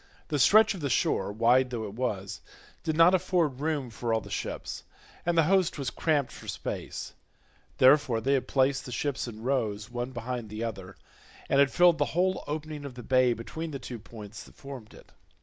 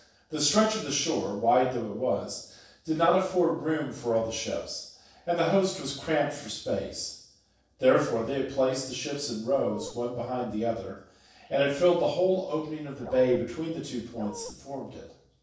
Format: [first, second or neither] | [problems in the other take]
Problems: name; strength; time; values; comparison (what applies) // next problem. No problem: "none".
first | noise reduction (neural separator model SepFormer DNS4)